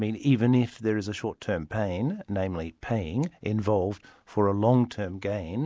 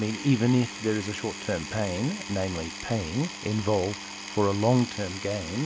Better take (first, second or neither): first